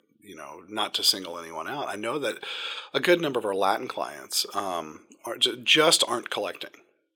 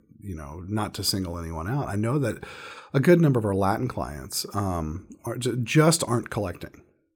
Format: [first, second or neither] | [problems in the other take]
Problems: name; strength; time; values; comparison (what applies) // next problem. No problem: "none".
second | thin; very; fading below 500 Hz